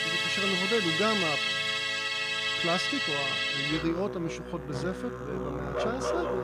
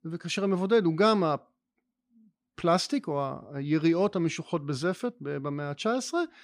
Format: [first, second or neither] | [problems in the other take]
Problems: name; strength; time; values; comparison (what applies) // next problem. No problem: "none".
second | background music; very loud; throughout; 5 dB above the speech